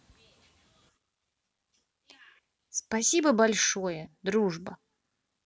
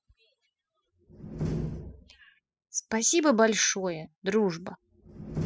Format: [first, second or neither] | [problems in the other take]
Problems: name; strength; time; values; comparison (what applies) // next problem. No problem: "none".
first | noise reduction (classical method spectral subtraction)